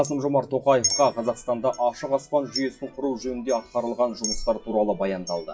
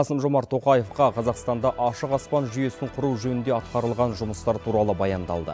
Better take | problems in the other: second | noise reduction (classical method WPE with log-MMSE)

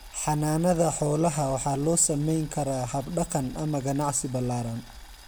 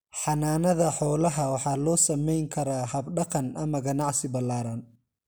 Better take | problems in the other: second | background sound (Boiling); 18 dB below the speech

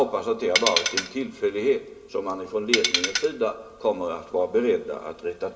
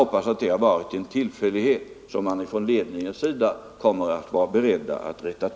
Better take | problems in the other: second | background sound (Tools); 1 dB above the speech // room echo; dies away in 0.8 s

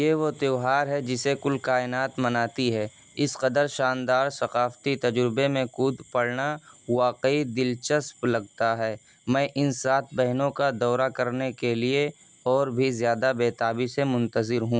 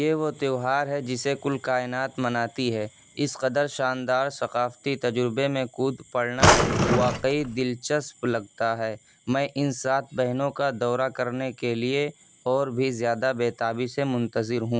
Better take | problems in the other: first | background sound (Drawer open or close); 5 dB above the speech

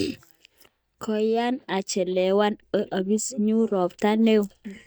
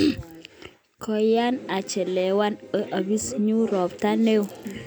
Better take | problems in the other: second | noise reduction (neural mask model DeepFilterNet 3)

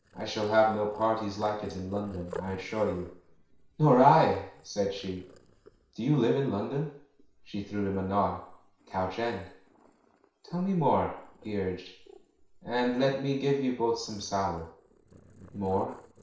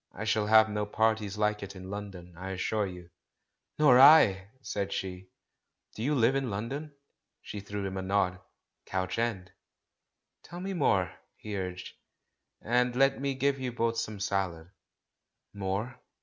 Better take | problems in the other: second | noise reduction (neural separator model SepFormer DNS4)

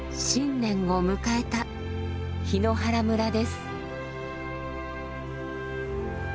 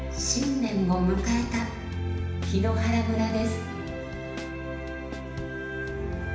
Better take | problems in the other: first | background sound (Drum kit); 17 dB below the speech // room echo; dies away in 0.9 s

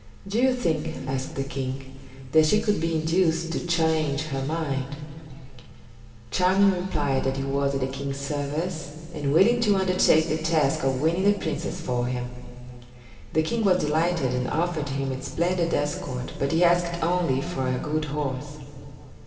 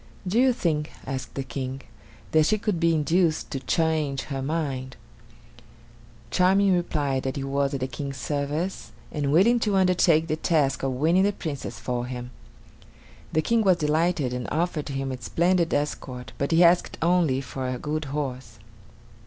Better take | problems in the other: second | room echo; dies away in 2.5 s

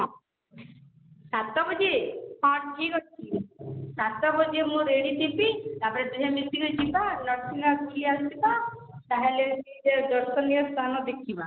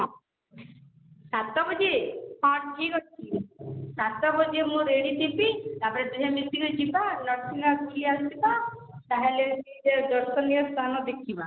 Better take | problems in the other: second | background sound (Guitar); 16 dB below the speech

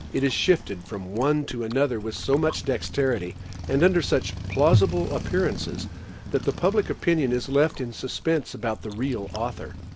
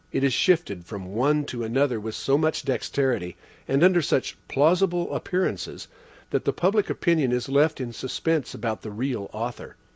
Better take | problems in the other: second | background sound (Chewing, mastication + Motorcycle); 8 dB below the speech

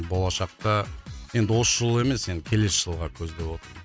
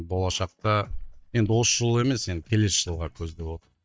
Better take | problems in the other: first | noise reduction (neural mask model DeepFilterNet 3)

